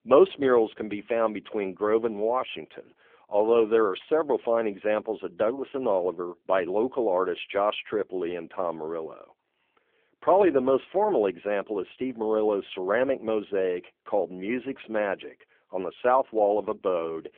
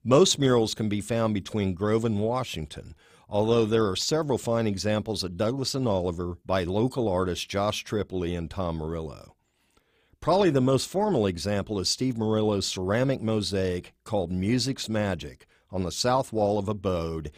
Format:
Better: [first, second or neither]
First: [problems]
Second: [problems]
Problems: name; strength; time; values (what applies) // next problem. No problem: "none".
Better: second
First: phone-call audio; nothing above 3.5 kHz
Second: none